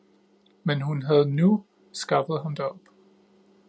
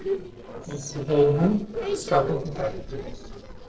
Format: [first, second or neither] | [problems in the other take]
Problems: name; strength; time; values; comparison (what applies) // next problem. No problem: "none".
first | noise reduction (neural separator model SepFormer DNS4)